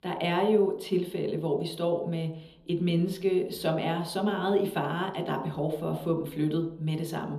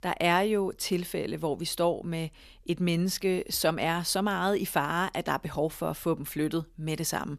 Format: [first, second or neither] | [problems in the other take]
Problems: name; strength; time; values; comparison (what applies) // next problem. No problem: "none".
second | room echo; slight; dies away in 0.8 s